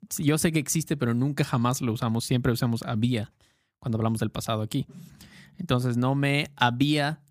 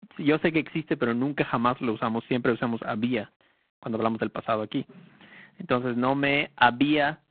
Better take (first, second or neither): first